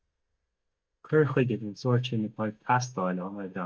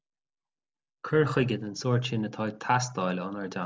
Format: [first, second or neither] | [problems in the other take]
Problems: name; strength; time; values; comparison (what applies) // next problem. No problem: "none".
second | noise reduction (neural mask model DeepFilterNet 3)